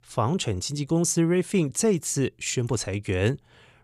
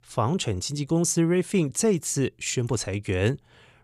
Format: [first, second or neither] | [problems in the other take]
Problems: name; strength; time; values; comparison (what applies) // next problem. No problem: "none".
neither | none